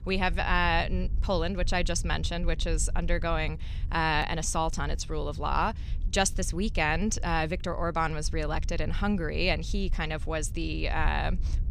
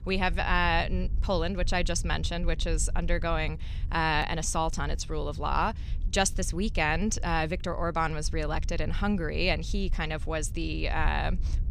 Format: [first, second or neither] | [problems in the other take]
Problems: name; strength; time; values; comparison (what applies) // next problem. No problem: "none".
neither | low rumble; faint; throughout; 25 dB below the speech; the same in both